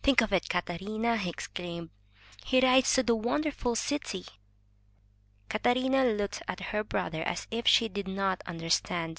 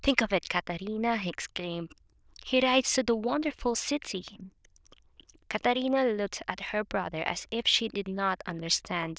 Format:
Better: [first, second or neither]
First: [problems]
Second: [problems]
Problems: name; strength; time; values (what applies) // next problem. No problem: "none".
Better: first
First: none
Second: noise reduction (neural diffusion model UNIVERSE++)